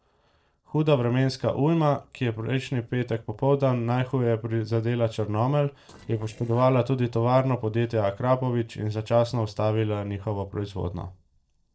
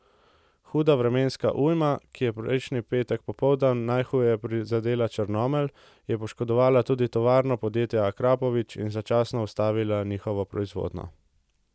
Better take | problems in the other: second | noise reduction (neural separator model SepFormer DNS4)

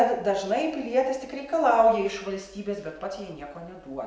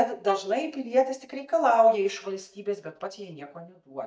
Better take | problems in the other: first | noise reduction (neural mask model DeepFilterNet 3)

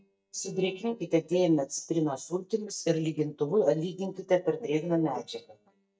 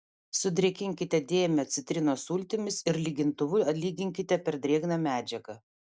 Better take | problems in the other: second | noise reduction (neural mask model DeepFilterNet 3)

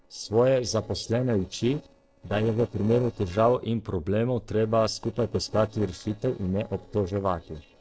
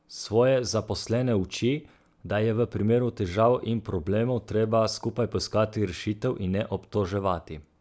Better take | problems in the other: second | noise reduction (neural separator model SepFormer DNS4)

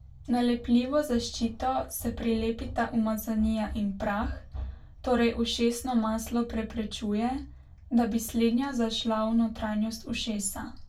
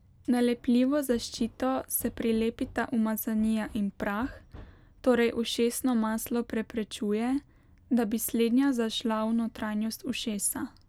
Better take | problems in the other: second | room echo; dies away in 0.2 s

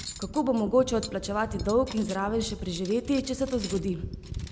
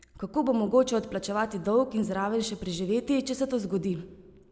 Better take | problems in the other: second | background sound (Cutlery, silverware); 11 dB below the speech

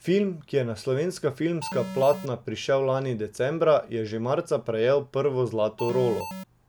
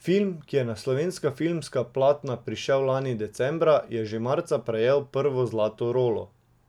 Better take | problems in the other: second | background sound (Alarm); 9 dB below the speech

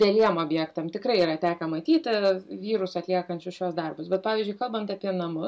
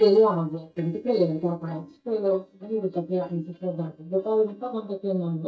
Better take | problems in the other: first | noise reduction (neural mask model DeepFilterNet 3)

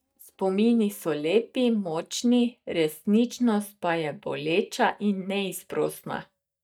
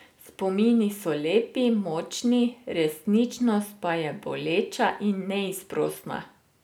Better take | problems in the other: second | noise reduction (neural mask model DeepFilterNet 3)

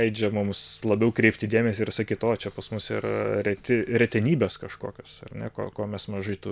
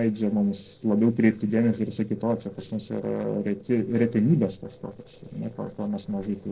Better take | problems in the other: first | noise reduction (neural separator model SepFormer DNS4)

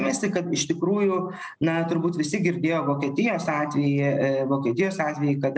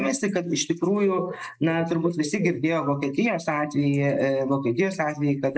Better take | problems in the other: first | noise reduction (neural mask model Resemble Enhance denoiser)

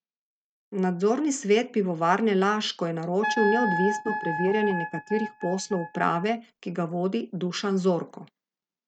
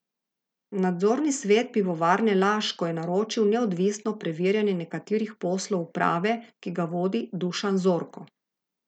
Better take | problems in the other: second | noise reduction (neural mask model RNNoise)

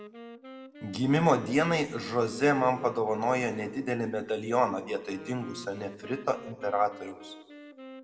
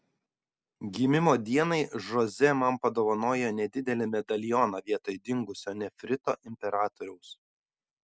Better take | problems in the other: second | background sound (Wind instrument, woodwind instrument); 18 dB below the speech // room echo; dies away in 1 s

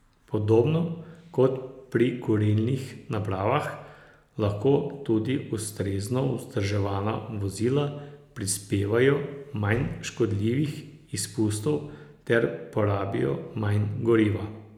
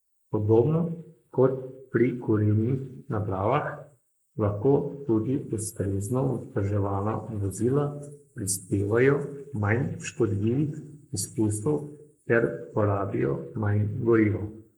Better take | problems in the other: first | noise reduction (neural mask model Resemble Enhance denoiser)

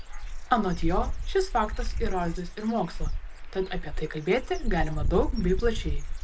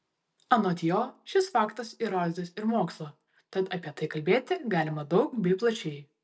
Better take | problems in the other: second | background sound (Bird / Dog); as loud as the speech

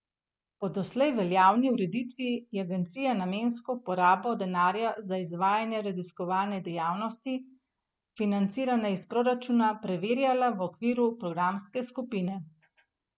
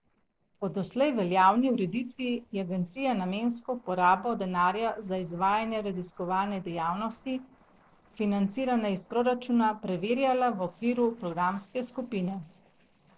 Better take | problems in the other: first | noise reduction (neural separator model SepFormer DNS4)

